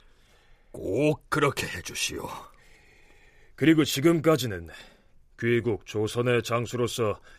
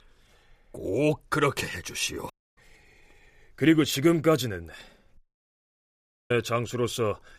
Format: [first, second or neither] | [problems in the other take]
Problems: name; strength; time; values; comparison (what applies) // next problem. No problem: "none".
first | audio cutting out; at 2.5 s and at 5 s for 1 s